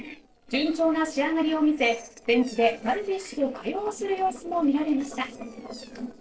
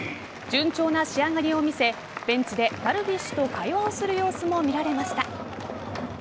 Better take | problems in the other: second | noise reduction (neural separator model SepFormer DNS4)

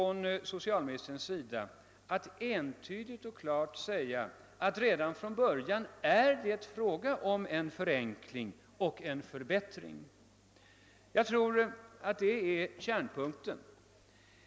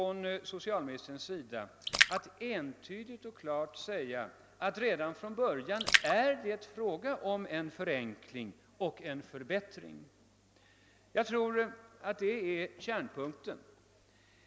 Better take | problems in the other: first | background sound (Splash, splatter); 1 dB above the speech

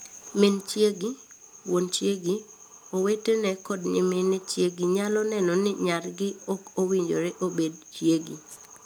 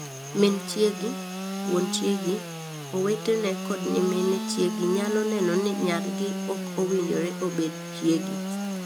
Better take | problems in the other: first | background sound (Sawing / Engine); 5 dB below the speech

